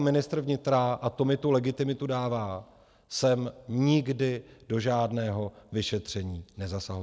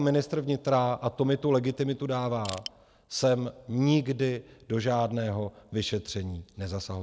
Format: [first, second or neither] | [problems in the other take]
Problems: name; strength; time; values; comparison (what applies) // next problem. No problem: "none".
first | background sound (Crushing); 13 dB below the speech